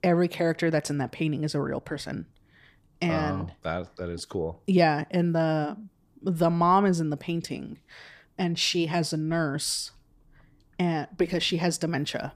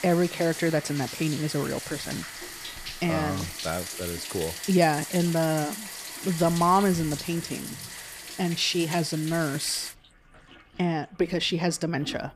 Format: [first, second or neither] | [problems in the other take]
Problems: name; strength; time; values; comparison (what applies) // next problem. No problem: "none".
first | household noises; loud; throughout; 9 dB below the speech